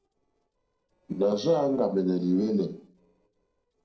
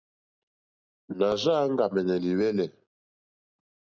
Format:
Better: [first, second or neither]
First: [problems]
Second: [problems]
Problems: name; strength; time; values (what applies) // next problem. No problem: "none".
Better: second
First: noise reduction (neural separator model SepFormer DNS4)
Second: none